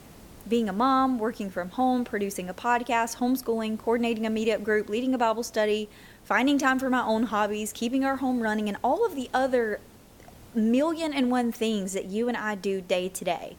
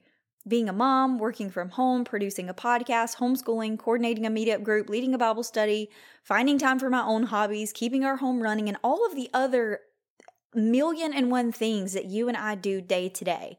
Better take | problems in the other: second | hiss; faint; throughout; 25 dB below the speech

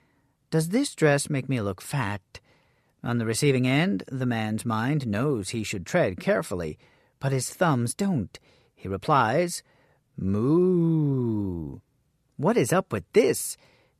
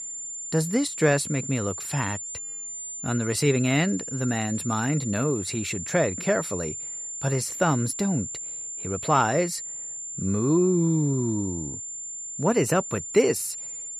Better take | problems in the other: first | high-pitched whine; loud; throughout; 7 kHz, 7 dB below the speech

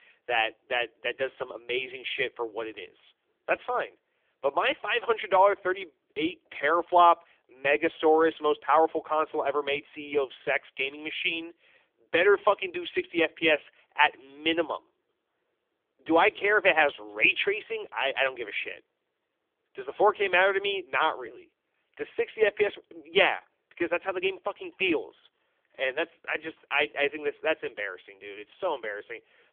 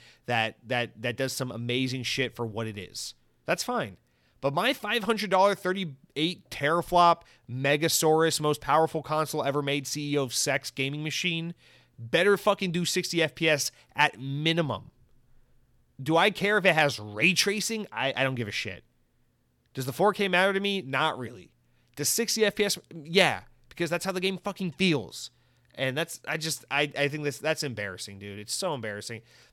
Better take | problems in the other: second | phone-call audio; poor line; nothing above 3.5 kHz

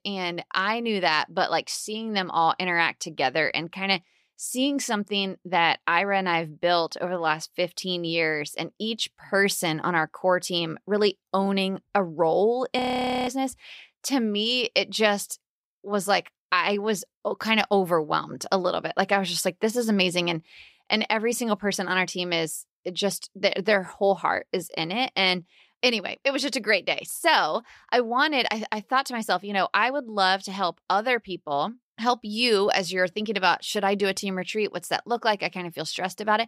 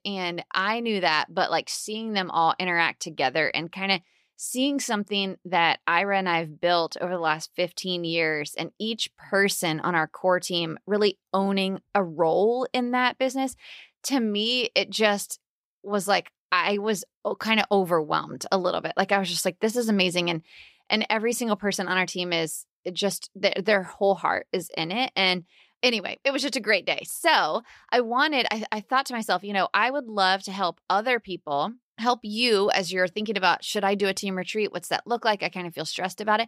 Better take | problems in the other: second | audio freezing; at 13 s

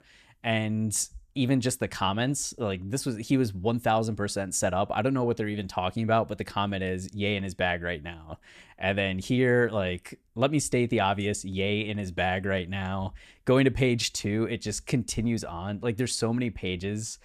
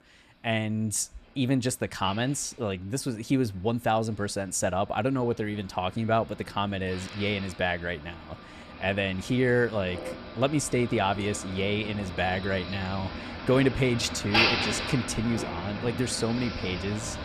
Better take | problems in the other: first | traffic noise; loud; throughout; 5 dB below the speech

